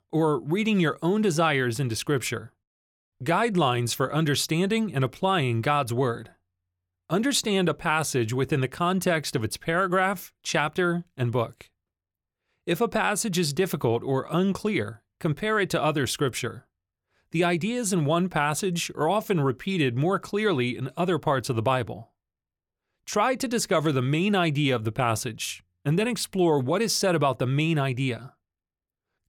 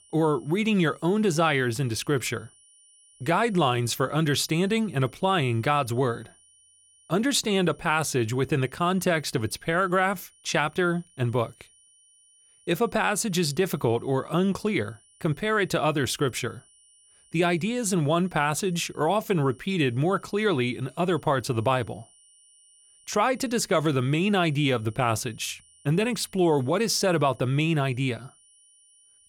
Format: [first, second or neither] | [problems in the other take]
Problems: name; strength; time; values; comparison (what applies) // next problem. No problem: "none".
first | high-pitched whine; faint; throughout; 9.5 kHz, 30 dB below the speech